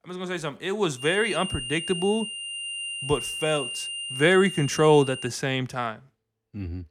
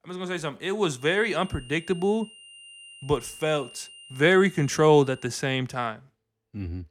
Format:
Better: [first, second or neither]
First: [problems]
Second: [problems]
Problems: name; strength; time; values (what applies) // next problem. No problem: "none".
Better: second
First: high-pitched whine; loud; from 1 to 5.5 s; 3 kHz, 7 dB below the speech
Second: high-pitched whine; faint; from 1 to 5.5 s; 3 kHz, 20 dB below the speech